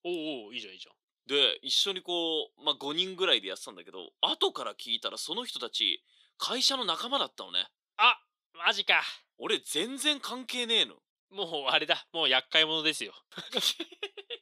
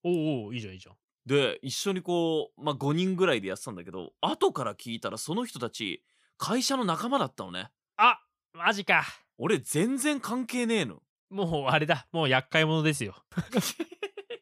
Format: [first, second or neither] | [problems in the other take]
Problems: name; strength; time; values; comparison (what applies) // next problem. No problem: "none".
second | thin; somewhat; fading below 300 Hz